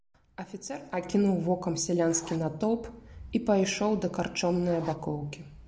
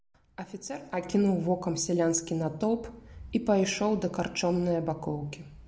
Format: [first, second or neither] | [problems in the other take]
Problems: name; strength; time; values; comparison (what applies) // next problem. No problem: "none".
second | background sound (Zipper (clothing)); 18 dB below the speech